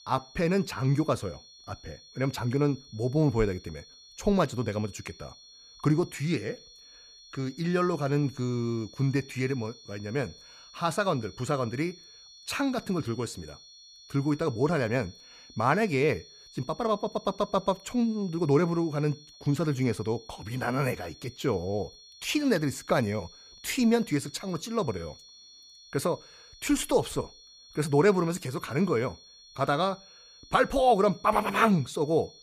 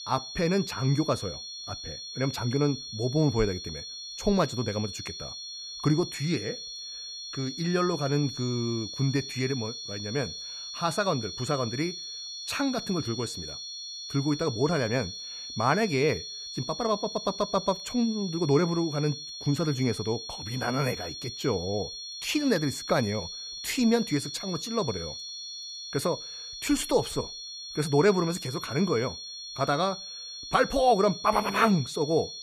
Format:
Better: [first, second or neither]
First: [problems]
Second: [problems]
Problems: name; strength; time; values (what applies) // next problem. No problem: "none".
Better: first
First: high-pitched whine; faint; throughout; 4.5 kHz, 20 dB below the speech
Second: high-pitched whine; loud; throughout; 4.5 kHz, 8 dB below the speech